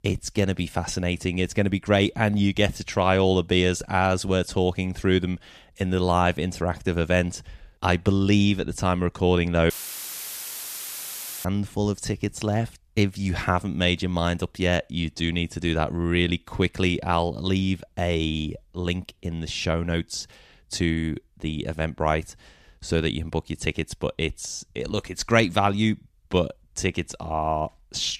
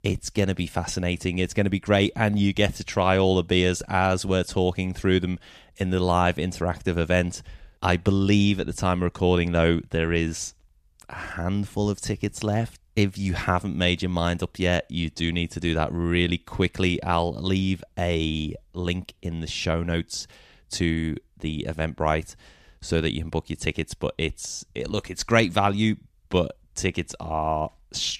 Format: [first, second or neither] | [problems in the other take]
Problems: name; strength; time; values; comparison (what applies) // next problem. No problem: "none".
second | audio cutting out; filled with static; at 9.5 s for 2 s